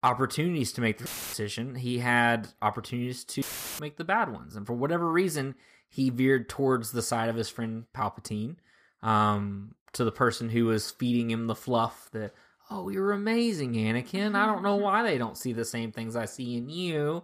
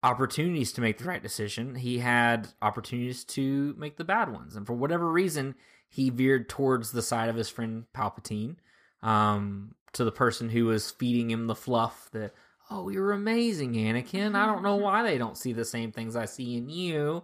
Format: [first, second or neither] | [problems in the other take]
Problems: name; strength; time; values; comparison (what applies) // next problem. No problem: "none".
second | audio cutting out; filled with static; at 1 s and at 3.5 s